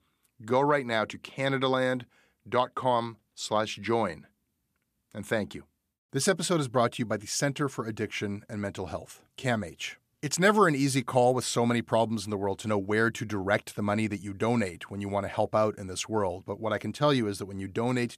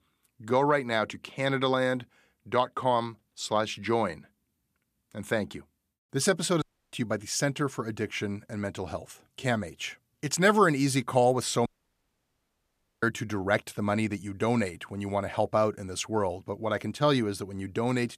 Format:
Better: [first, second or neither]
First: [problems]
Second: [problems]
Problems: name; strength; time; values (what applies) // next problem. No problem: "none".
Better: first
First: none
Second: audio cutting out; at 6.5 s and at 12 s for 1.5 s